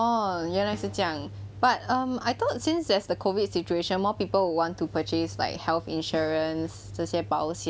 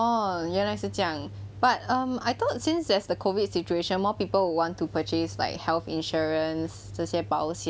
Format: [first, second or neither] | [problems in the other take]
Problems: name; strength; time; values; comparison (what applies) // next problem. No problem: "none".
second | background sound (Snare drum); 18 dB below the speech